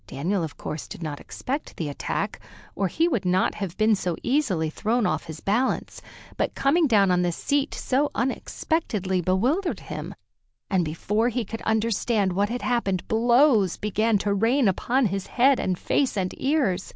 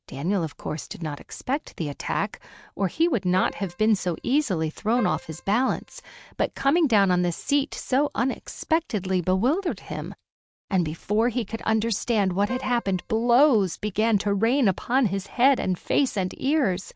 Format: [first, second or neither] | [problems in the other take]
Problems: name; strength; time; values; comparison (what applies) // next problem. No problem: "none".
first | noise reduction (neural mask model RNNoise)